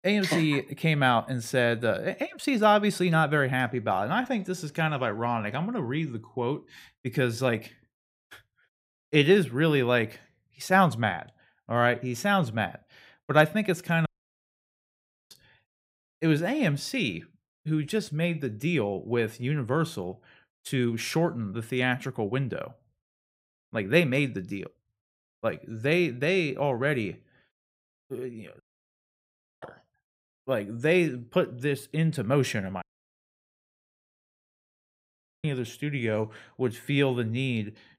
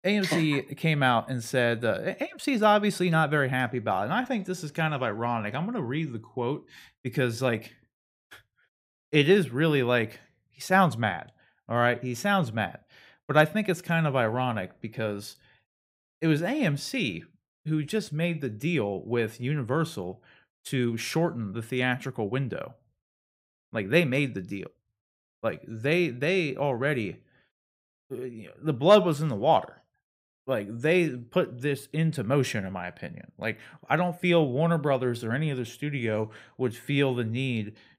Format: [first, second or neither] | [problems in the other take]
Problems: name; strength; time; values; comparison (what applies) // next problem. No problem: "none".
second | audio cutting out; at 14 s for 1 s, at 29 s for 1 s and at 33 s for 2.5 s